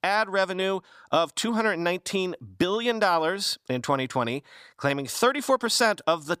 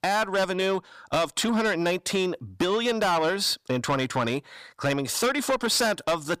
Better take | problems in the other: first | distortion; heavy; 8 dB below the speech

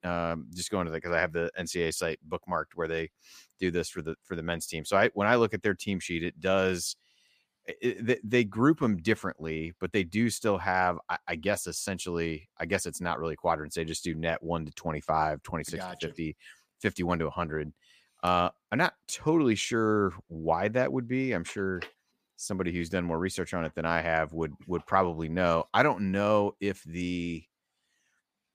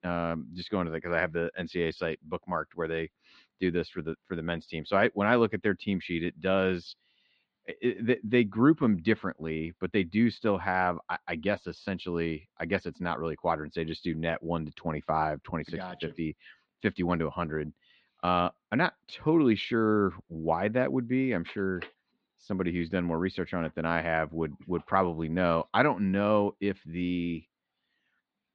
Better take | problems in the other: first | muffled; slightly; fading above 4 kHz

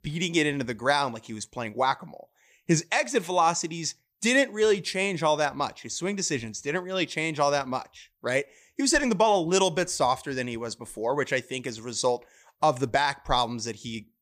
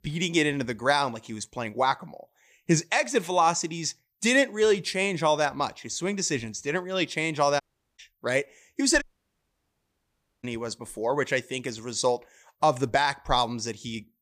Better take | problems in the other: first | audio cutting out; at 7.5 s and at 9 s for 1.5 s

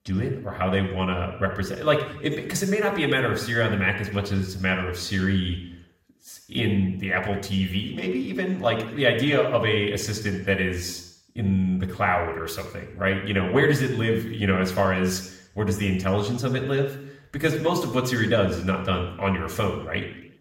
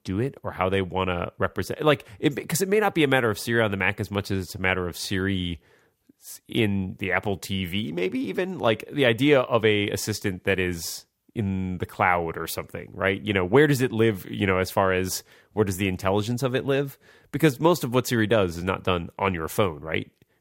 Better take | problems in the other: second | room echo; slight; dies away in 0.7 s // off-mic speech; somewhat distant

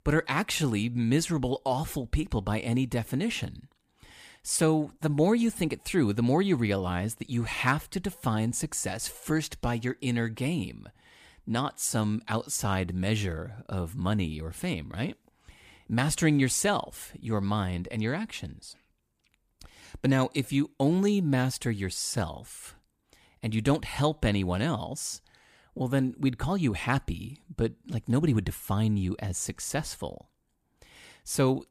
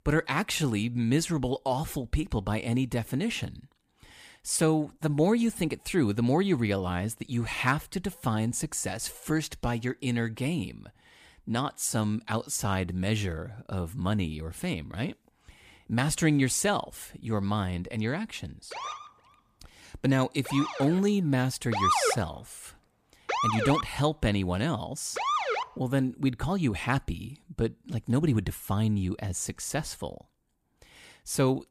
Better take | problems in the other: first | siren; loud; from 19 to 26 s; peak 4 dB above the speech

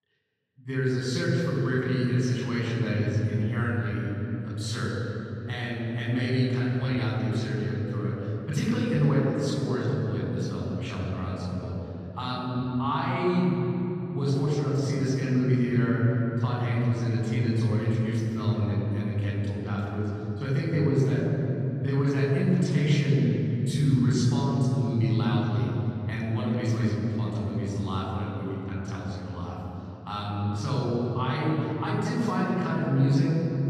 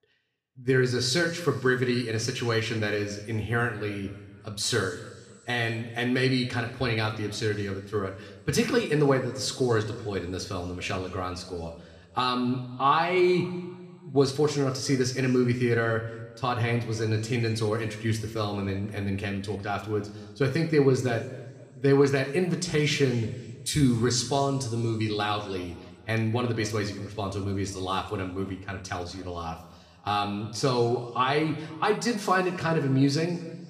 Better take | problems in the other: second | room echo; strong; dies away in 3 s; slight in the second // off-mic speech; far; somewhat distant in the second

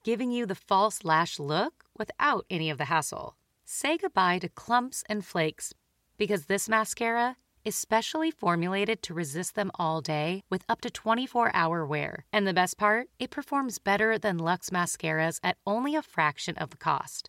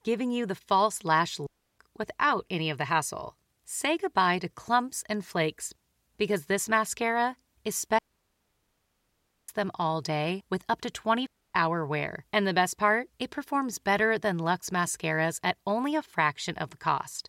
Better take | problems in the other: first | audio cutting out; at 1.5 s, at 8 s for 1.5 s and at 11 s

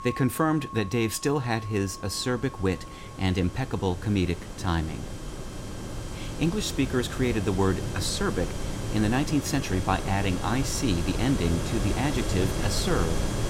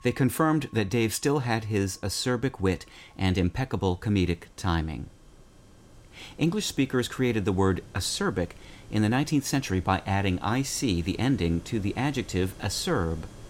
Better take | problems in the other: second | background music; loud; throughout; 7 dB below the speech; faint in the second

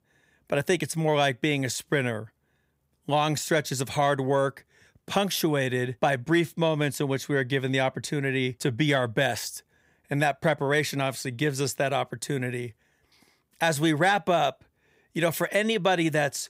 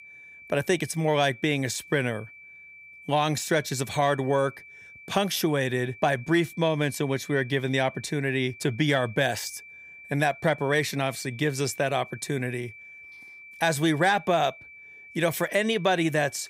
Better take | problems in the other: first | high-pitched whine; noticeable; throughout; 2.5 kHz, 20 dB below the speech

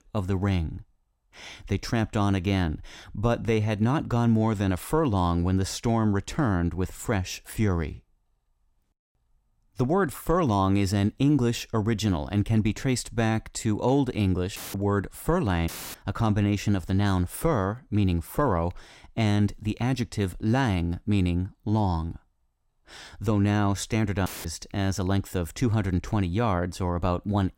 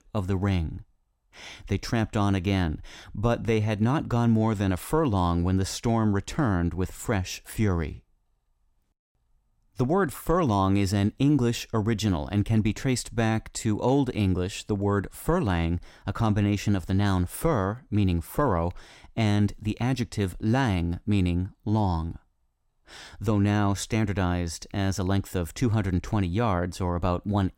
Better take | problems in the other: second | audio cutting out; filled with static; at 15 s, at 16 s and at 24 s

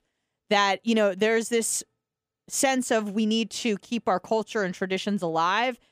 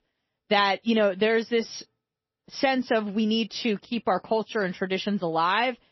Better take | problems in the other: first | garbled, watery; slightly; nothing above 5.5 kHz

